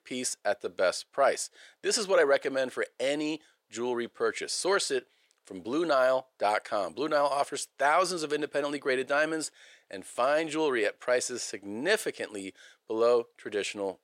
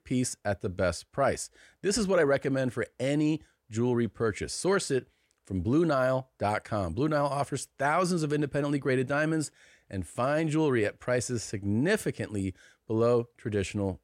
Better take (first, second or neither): second